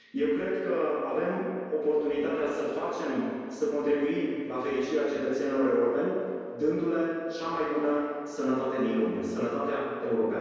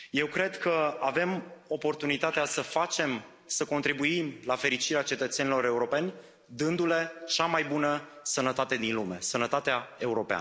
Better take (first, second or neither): second